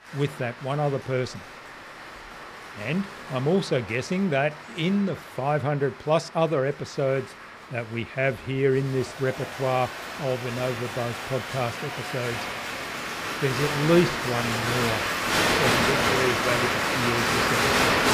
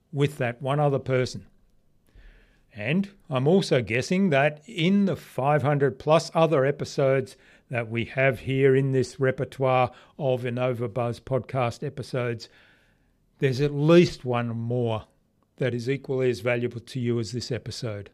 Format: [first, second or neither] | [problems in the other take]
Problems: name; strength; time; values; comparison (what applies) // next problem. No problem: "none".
second | crowd noise; very loud; throughout; 2 dB above the speech